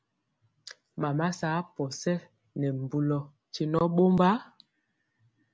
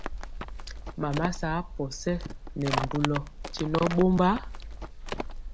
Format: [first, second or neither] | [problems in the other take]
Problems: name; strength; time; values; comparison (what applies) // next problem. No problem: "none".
first | background sound (Livestock, farm animals, working animals); 5 dB below the speech